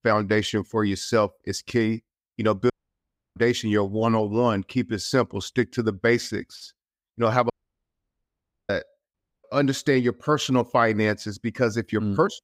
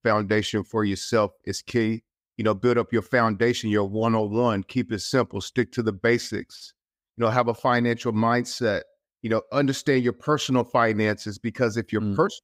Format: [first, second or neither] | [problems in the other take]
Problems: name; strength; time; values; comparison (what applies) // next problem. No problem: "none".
second | audio cutting out; at 2.5 s for 0.5 s, at 7.5 s for 1 s and at 9 s